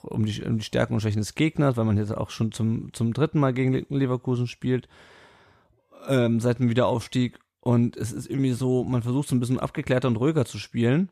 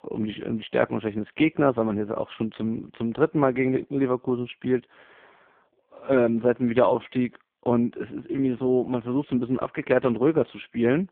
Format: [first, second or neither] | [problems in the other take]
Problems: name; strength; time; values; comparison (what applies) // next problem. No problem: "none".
first | phone-call audio; poor line